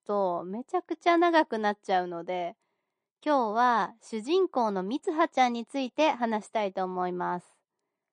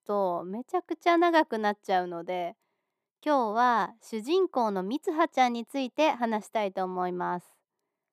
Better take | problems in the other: second | garbled, watery; slightly; nothing above 9 kHz

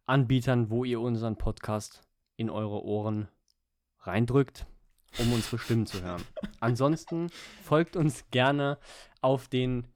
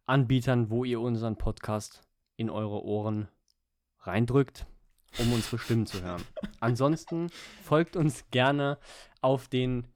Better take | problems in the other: neither | none

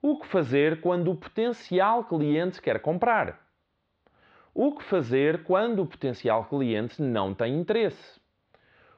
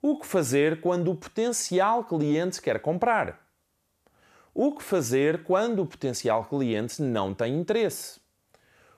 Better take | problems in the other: second | muffled; very; fading above 4 kHz

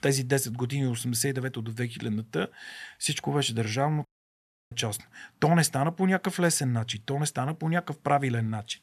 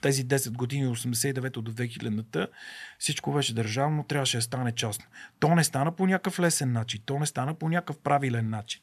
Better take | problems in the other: second | audio cutting out; at 4 s for 0.5 s

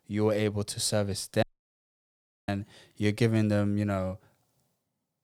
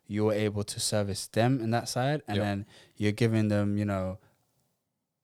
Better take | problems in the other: second | audio cutting out; at 1.5 s for 1 s

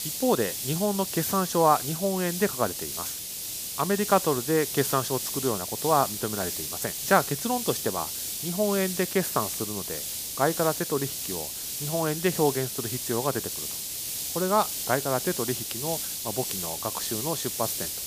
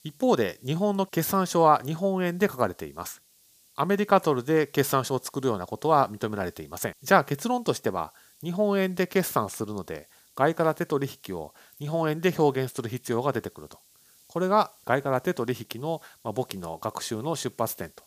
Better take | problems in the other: second | hiss; loud; throughout; 3 dB below the speech; faint in the second

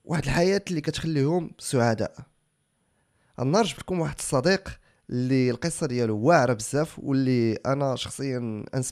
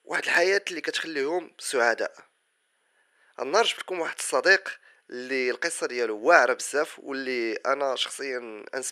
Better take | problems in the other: first | thin; very; fading below 400 Hz

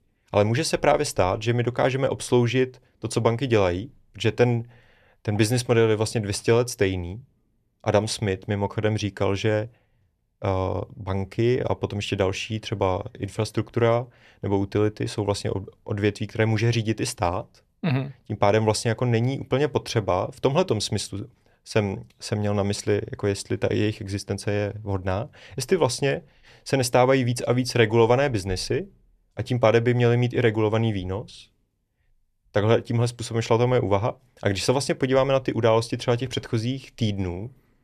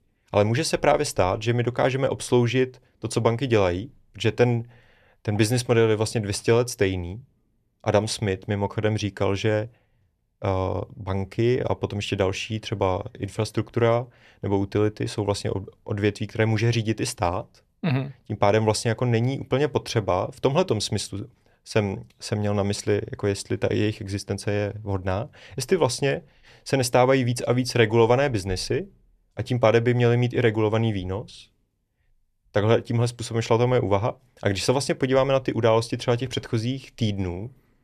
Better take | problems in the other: neither | none

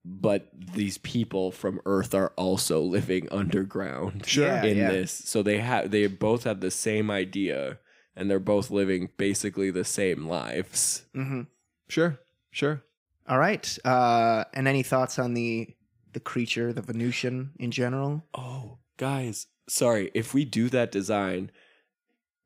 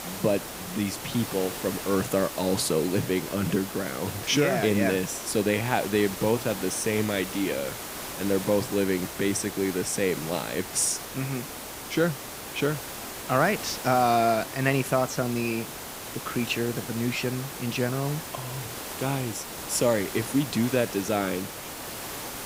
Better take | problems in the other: first | hiss; loud; throughout; 8 dB below the speech

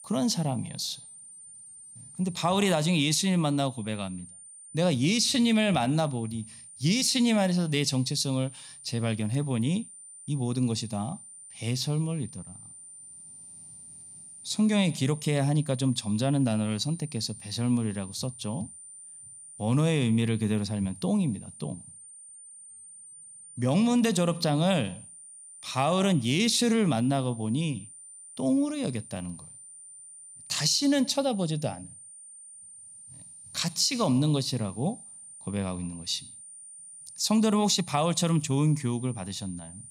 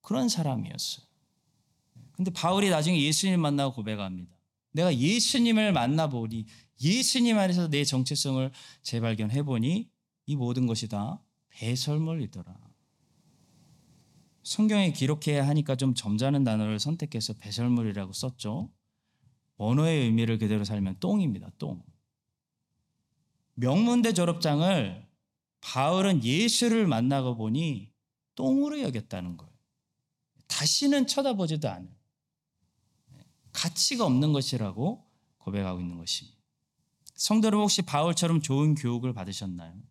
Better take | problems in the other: second | high-pitched whine; noticeable; throughout; 9 kHz, 15 dB below the speech

